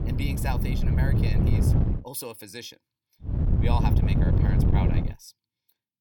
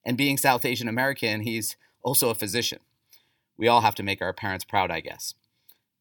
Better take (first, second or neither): second